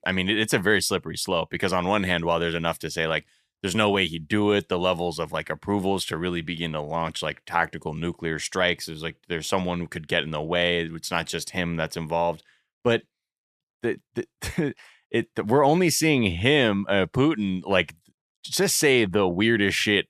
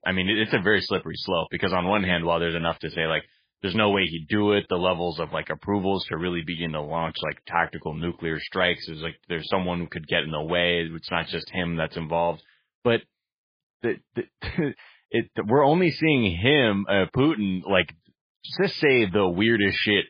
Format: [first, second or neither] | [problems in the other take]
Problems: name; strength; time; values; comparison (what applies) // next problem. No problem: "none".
first | garbled, watery; badly; nothing above 5 kHz